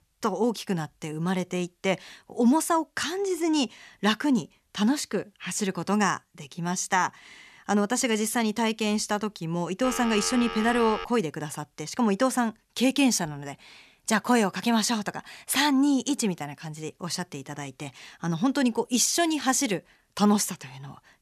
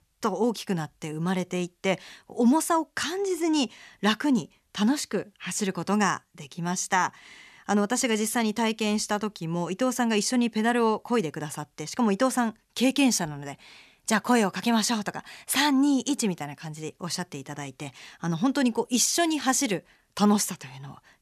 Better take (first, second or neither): second